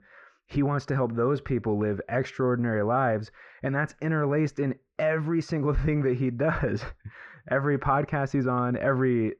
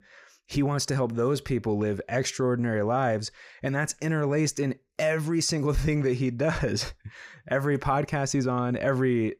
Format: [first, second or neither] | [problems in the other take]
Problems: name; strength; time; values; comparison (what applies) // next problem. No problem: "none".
second | muffled; very; fading above 2 kHz